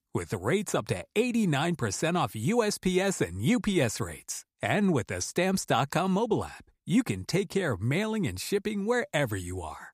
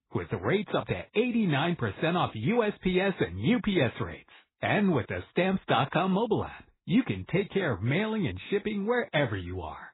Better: first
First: none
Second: garbled, watery; badly; nothing above 4 kHz

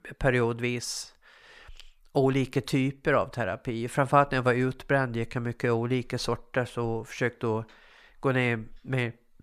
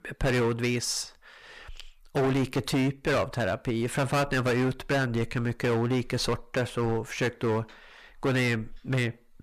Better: first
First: none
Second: distortion; heavy; 14% of the sound clipped

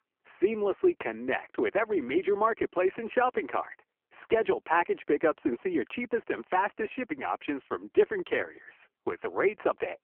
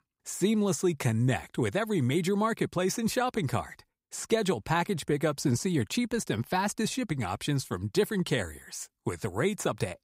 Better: second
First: phone-call audio; poor line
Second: none

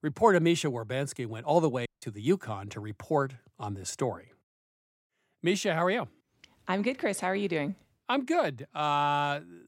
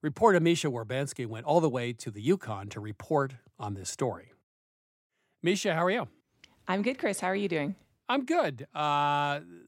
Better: second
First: audio cutting out; at 2 s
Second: none

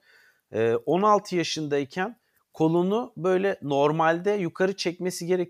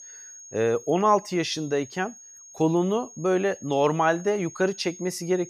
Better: first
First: none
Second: high-pitched whine; noticeable; throughout; 6.5 kHz, 20 dB below the speech

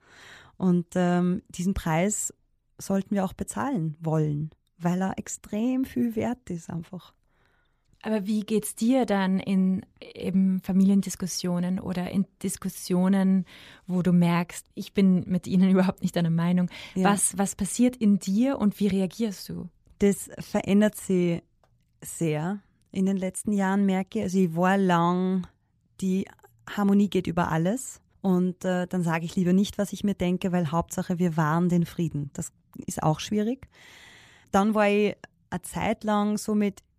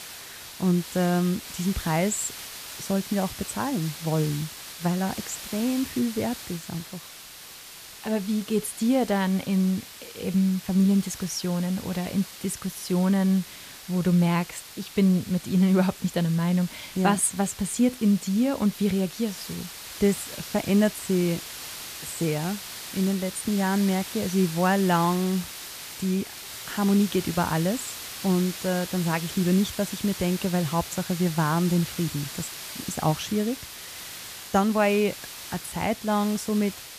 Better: first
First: none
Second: hiss; noticeable; throughout; 10 dB below the speech

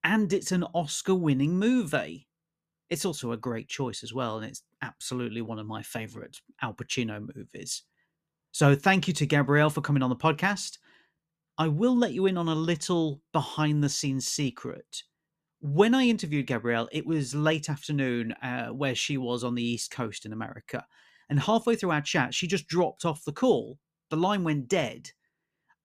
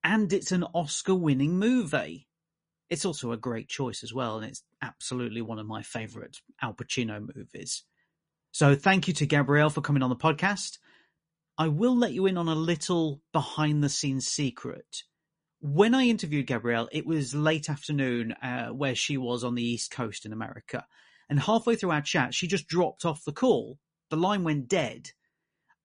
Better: first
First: none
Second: garbled, watery; slightly; nothing above 10.5 kHz

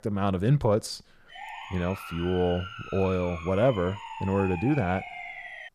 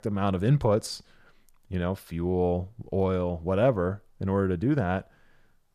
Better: second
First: siren; noticeable; from 1.5 s on; peak 9 dB below the speech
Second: none

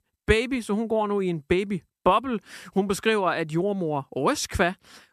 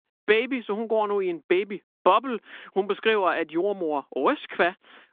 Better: first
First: none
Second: phone-call audio; nothing above 3.5 kHz

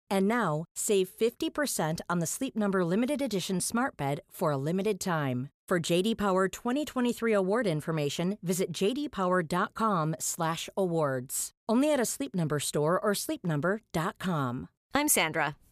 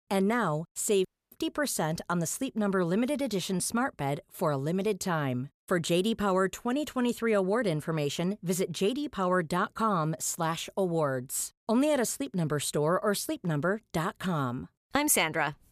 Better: first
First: none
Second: audio cutting out; at 1 s

